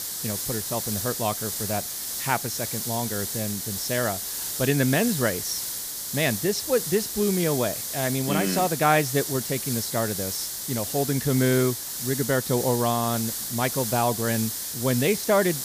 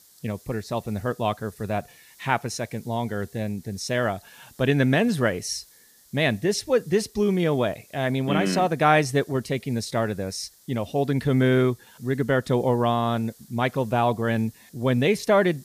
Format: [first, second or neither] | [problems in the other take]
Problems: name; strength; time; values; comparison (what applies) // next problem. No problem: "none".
second | hiss; loud; throughout; 3 dB below the speech; faint in the second